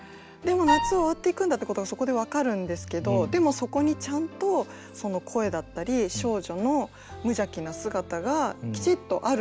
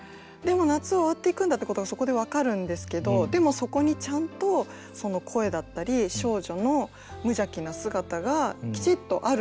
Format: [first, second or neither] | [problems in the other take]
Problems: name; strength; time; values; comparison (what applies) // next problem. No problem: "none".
second | background sound (Wind instrument, woodwind instrument); as loud as the speech